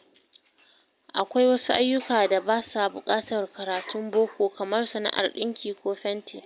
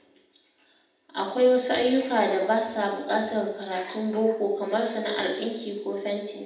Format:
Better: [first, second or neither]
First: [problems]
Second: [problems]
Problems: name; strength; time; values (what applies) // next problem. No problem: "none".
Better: first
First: none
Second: room echo; dies away in 0.8 s